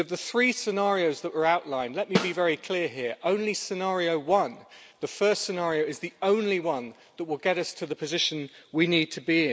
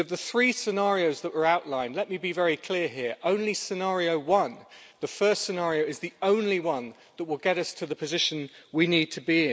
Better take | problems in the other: second | background sound (Snare drum); 5 dB below the speech

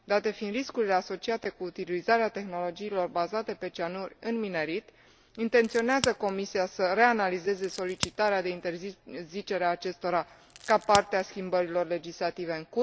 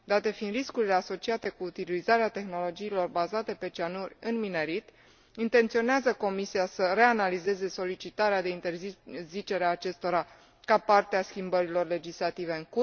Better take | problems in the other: second | background sound (Crack); 12 dB below the speech

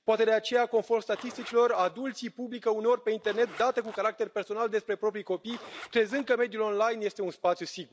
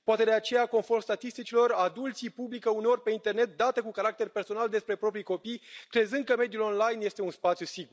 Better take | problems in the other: second | background sound (Zipper (clothing)); 18 dB below the speech

